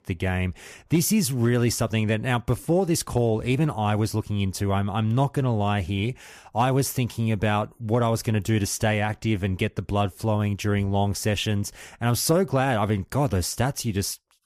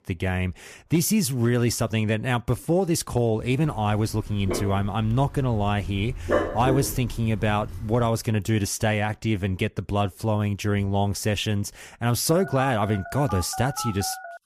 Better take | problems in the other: first | dog barking; loud; from 3.5 to 8 s; peak level with the speech // phone ringing; noticeable; from 12 s on; peak 8 dB below the speech

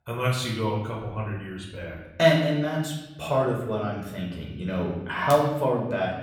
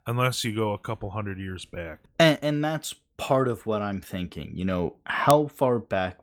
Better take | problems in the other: second | off-mic speech; far // room echo; noticeable; dies away in 0.9 s

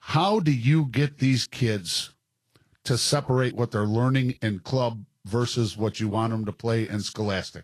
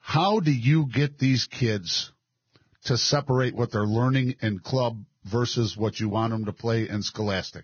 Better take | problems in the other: first | garbled, watery; badly; nothing above 6.5 kHz; slightly in the first

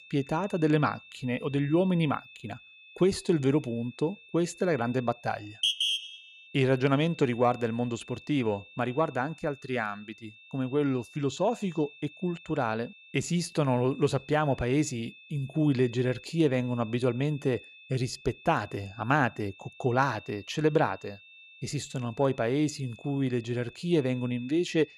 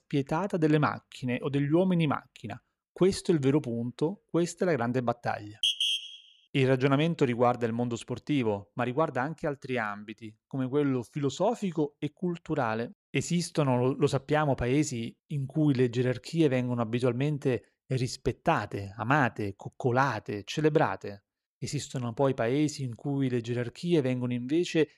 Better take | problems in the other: second | high-pitched whine; faint; throughout; 2.5 kHz, 20 dB below the speech

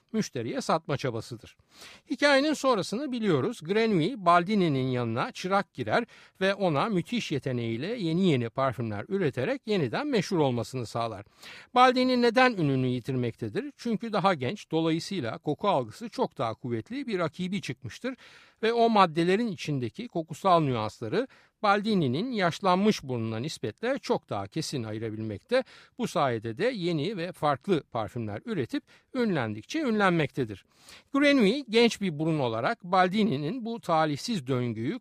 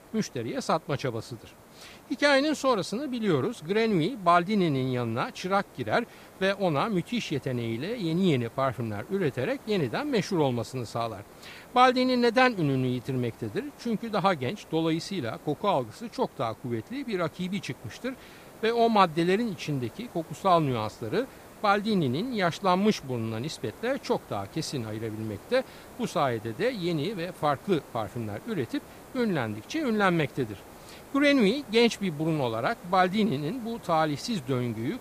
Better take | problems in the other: first | hiss; faint; throughout; 20 dB below the speech

